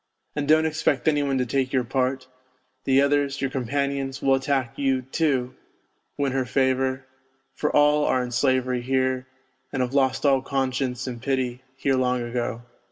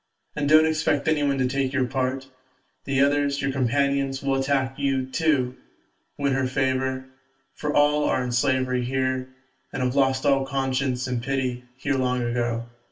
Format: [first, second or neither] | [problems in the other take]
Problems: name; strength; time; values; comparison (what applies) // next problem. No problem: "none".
first | room echo; dies away in 0.2 s